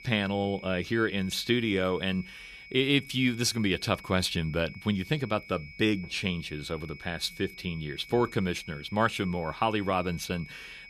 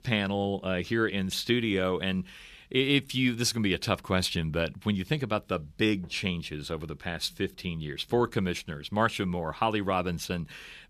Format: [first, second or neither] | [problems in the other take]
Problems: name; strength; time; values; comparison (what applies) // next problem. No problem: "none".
second | high-pitched whine; noticeable; throughout; 2 kHz, 15 dB below the speech